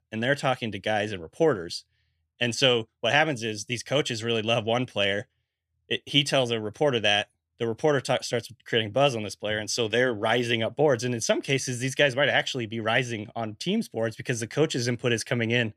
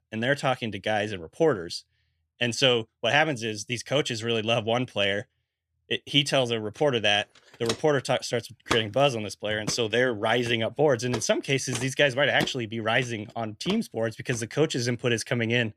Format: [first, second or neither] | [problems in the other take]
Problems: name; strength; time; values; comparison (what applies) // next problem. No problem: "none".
first | footsteps; noticeable; from 7.5 to 14 s; peak 5 dB below the speech